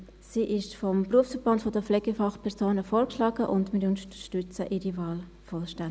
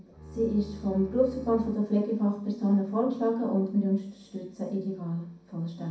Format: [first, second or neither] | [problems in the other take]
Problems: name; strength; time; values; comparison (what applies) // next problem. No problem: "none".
first | background sound (Bowed string instrument); 16 dB below the speech // room echo; dies away in 0.6 s